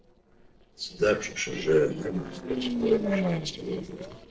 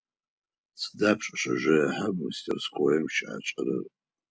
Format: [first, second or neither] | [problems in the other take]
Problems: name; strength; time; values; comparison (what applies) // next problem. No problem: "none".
second | noise reduction (neural separator model SepFormer DNS4)